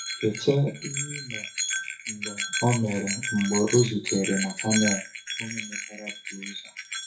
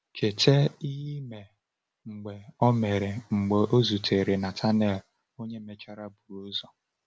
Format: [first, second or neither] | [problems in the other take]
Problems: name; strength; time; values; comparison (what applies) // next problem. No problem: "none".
second | noise reduction (classical method WPE with log-MMSE)